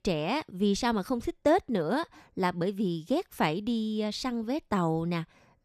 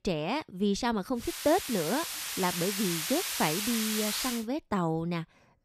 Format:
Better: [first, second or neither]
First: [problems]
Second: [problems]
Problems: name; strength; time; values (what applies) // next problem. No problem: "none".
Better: first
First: none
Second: hiss; loud; from 1 to 4.5 s; 1 dB below the speech